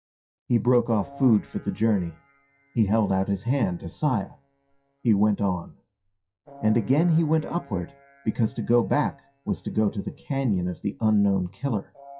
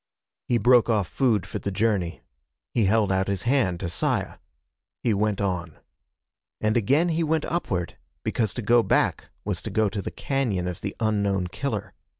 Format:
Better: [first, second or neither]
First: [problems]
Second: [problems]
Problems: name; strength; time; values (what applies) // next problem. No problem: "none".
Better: second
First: noise reduction (classical method WPE with log-MMSE)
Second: none